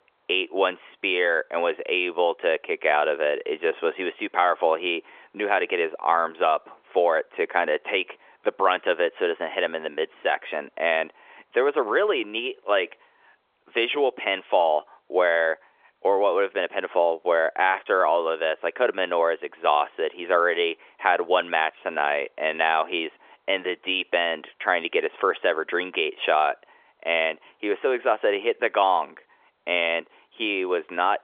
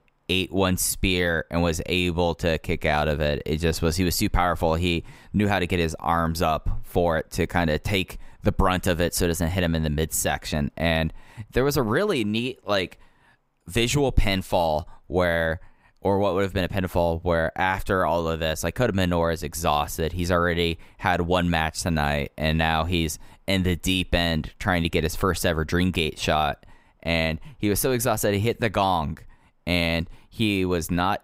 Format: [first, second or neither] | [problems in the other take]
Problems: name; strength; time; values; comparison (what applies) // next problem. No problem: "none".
second | phone-call audio; nothing above 3.5 kHz